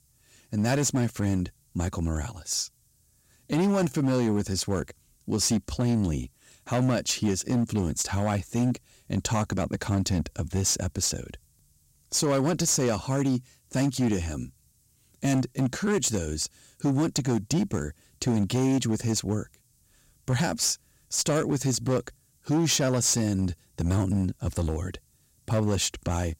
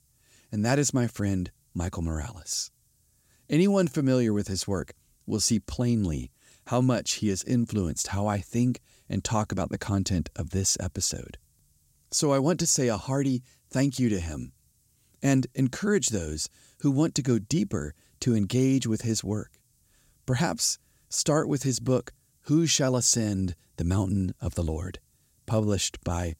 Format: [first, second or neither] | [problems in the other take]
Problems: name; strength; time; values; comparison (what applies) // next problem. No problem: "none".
second | distortion; slight; 8% of the sound clipped